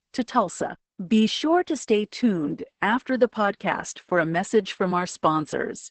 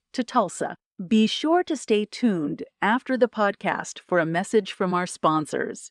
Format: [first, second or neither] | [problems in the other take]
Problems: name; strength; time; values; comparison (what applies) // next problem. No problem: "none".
second | garbled, watery; badly; nothing above 8 kHz